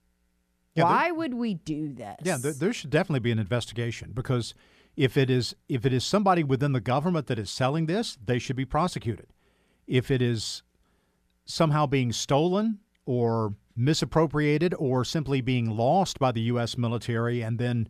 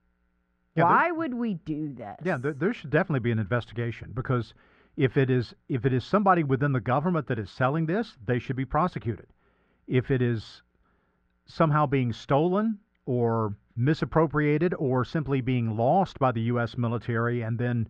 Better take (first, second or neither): first